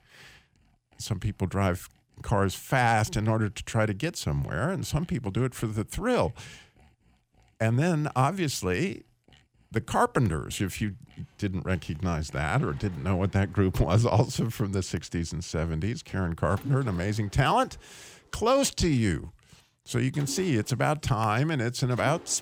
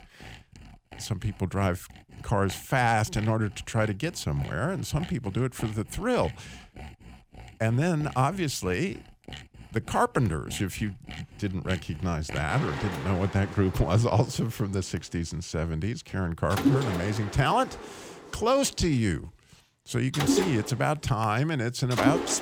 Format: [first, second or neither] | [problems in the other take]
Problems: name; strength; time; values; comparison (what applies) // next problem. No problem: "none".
first | machinery noise; loud; throughout; 7 dB below the speech; faint in the first